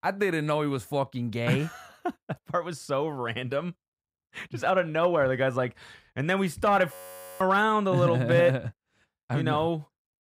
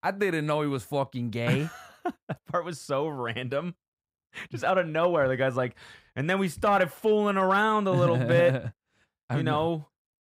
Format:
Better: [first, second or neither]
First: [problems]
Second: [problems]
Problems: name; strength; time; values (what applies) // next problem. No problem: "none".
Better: second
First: audio freezing; at 7 s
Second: none